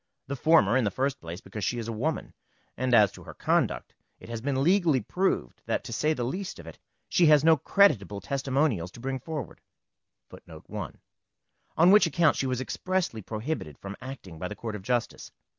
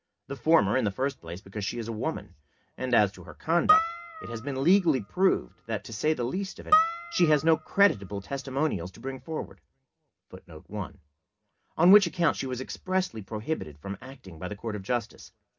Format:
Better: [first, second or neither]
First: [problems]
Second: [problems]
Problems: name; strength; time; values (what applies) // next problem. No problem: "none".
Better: first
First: none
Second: background sound (Harp); 2 dB below the speech // room echo; dies away in 0.3 s